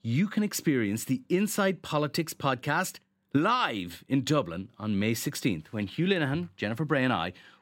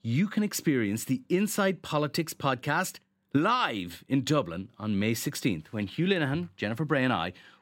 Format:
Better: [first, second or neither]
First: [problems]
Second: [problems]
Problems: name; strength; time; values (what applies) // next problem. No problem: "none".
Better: neither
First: none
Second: none